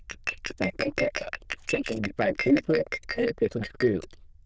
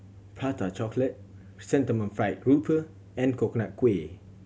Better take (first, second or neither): second